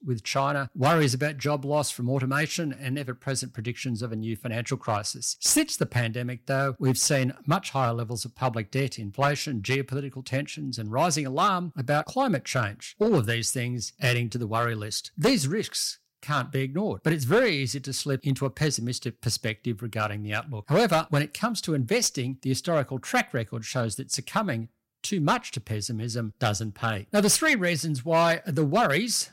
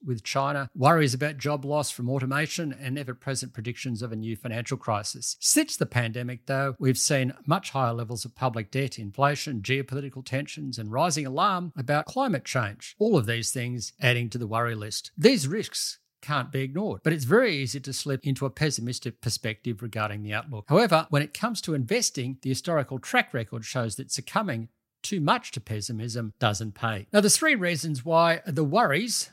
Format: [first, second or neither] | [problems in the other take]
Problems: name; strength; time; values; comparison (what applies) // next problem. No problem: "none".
second | distortion; slight; 3% of the sound clipped